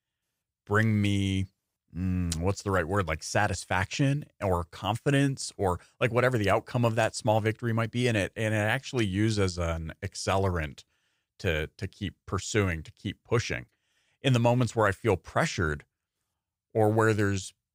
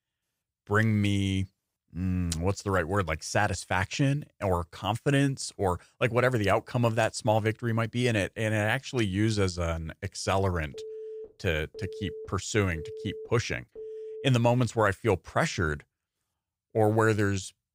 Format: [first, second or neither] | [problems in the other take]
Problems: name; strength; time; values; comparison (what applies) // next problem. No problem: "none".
first | phone ringing; faint; from 11 to 14 s; peak 10 dB below the speech